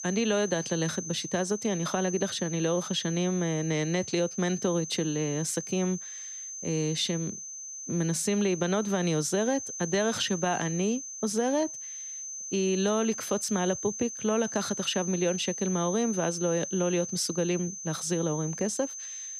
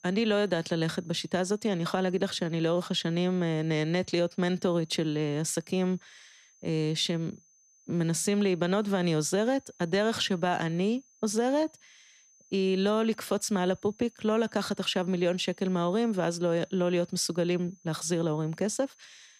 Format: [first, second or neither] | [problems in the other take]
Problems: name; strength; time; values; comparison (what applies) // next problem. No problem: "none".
second | high-pitched whine; loud; throughout; 6 kHz, 7 dB below the speech; faint in the second